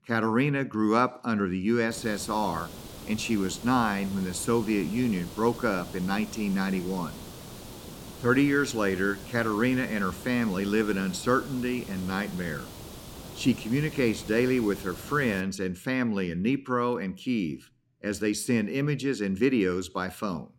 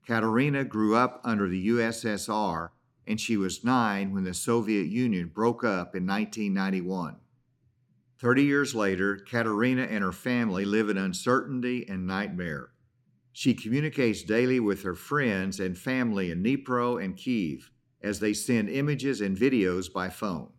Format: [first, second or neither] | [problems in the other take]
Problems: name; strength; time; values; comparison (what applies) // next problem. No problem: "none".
second | hiss; noticeable; from 2 to 15 s; 15 dB below the speech